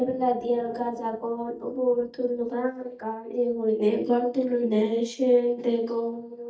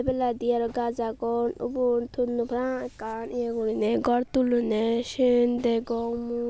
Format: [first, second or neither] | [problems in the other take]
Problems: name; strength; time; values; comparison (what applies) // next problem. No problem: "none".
second | noise reduction (neural mask model DeepFilterNet 3)